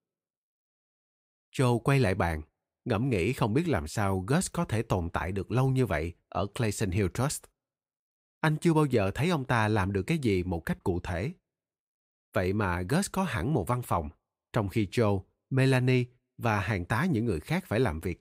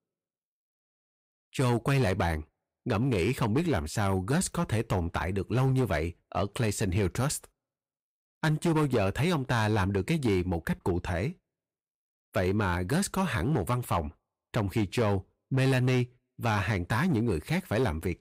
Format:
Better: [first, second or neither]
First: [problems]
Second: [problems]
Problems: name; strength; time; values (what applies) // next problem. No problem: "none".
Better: first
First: none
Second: distortion; slight; 8% of the sound clipped